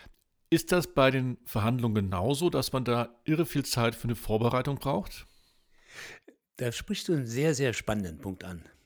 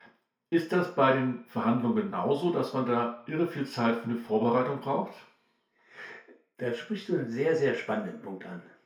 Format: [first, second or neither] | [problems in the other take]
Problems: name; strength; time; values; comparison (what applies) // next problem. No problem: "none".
first | room echo; slight; dies away in 0.5 s // off-mic speech; far